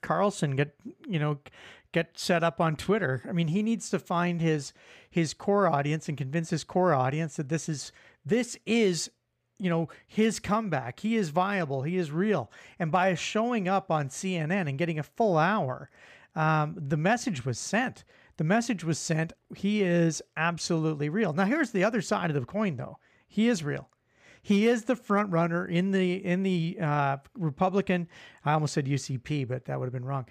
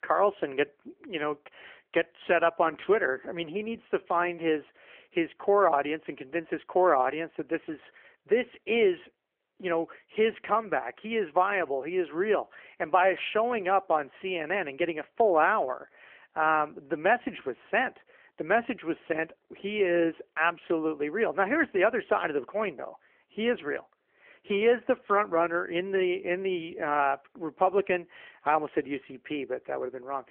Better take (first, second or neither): first